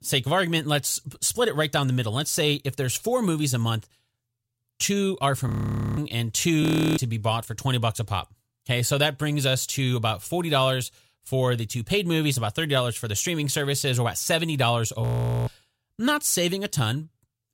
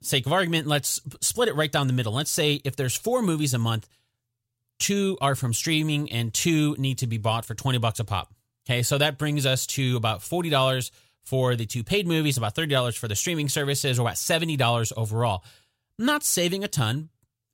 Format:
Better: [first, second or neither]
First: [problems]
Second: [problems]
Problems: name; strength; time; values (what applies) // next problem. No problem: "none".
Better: second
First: audio freezing; at 5.5 s, at 6.5 s and at 15 s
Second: none